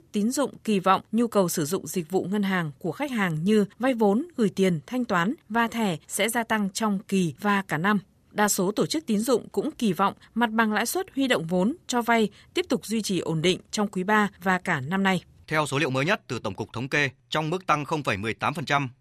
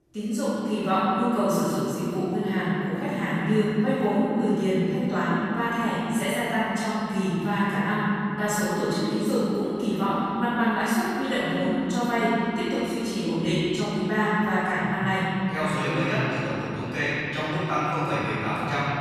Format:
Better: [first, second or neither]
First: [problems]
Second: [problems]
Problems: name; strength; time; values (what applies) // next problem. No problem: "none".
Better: first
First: none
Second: room echo; strong; dies away in 3 s // off-mic speech; far